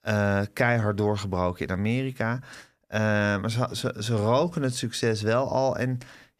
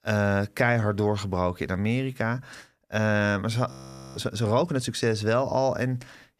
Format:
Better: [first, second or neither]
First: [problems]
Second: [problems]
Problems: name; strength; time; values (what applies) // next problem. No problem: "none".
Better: first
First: none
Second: audio freezing; at 3.5 s